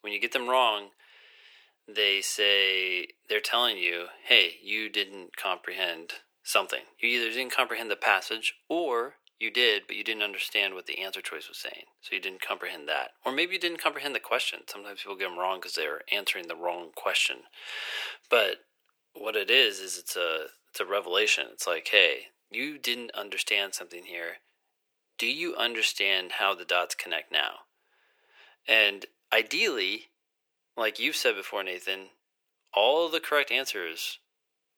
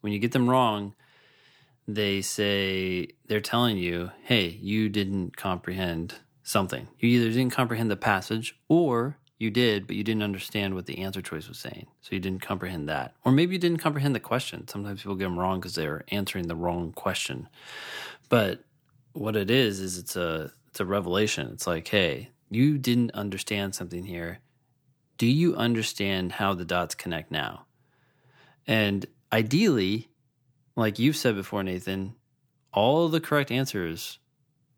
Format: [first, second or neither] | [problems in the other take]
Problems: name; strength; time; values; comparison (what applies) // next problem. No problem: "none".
second | thin; very; fading below 450 Hz